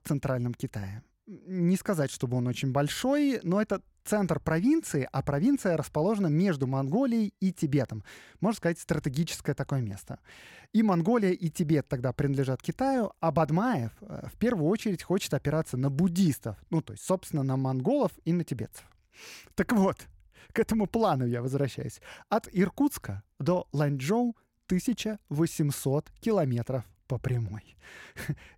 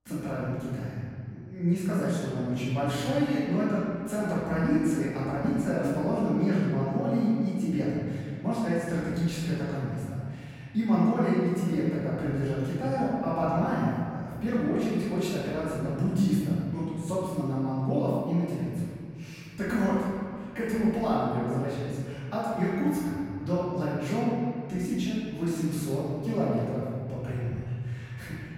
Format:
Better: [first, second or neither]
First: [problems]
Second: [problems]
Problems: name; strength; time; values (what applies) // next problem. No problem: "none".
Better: first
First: none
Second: off-mic speech; far // room echo; strong; dies away in 2.1 s